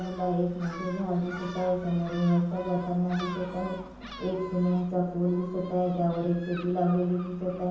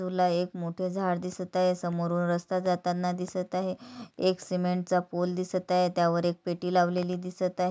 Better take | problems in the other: second | background sound (Gull, seagull); 16 dB below the speech // room echo; dies away in 0.9 s

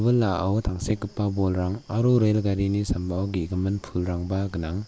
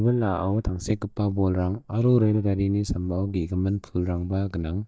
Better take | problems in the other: first | noise reduction (neural mask model DeepFilterNet 3)

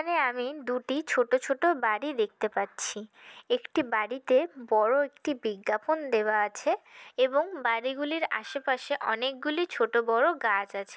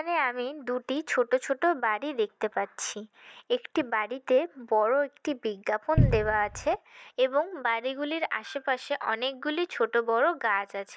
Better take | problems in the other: first | noise reduction (neural mask model DeepFilterNet 3)

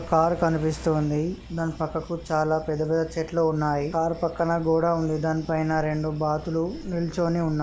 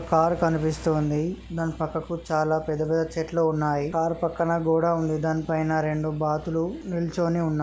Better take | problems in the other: second | background sound (Cricket); 20 dB below the speech

